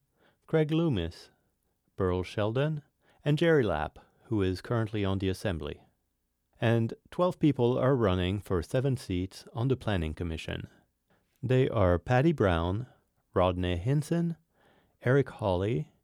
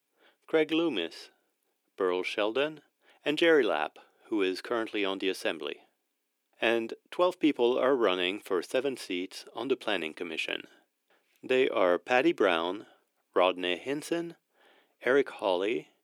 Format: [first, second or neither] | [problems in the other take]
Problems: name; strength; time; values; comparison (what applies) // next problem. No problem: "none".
first | thin; somewhat; fading below 300 Hz